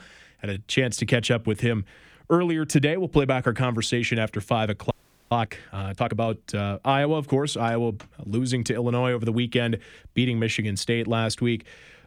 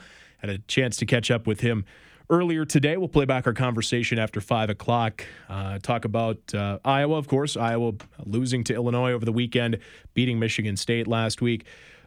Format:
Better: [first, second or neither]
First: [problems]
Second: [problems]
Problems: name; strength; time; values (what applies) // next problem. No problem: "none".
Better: second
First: audio freezing; at 5 s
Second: none